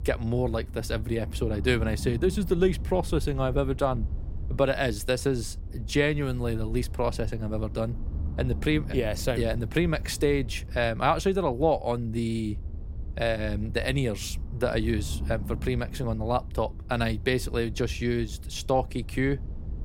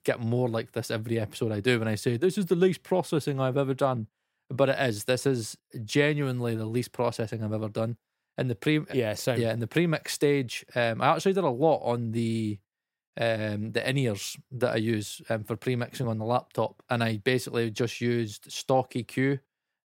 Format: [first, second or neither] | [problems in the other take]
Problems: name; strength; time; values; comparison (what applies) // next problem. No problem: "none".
second | low rumble; faint; throughout; 20 dB below the speech